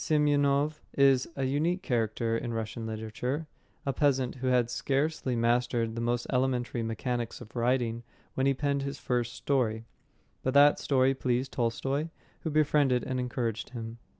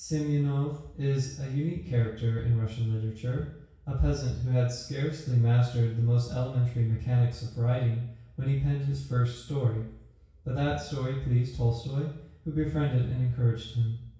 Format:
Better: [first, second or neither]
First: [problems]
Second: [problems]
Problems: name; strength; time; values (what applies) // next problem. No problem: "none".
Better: first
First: none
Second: room echo; dies away in 0.6 s